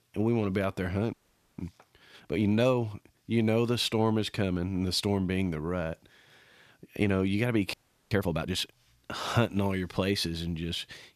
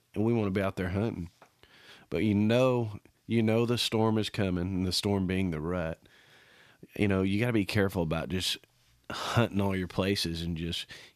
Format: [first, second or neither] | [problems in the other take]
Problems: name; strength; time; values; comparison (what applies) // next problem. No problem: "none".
second | audio freezing; at 1 s and at 7.5 s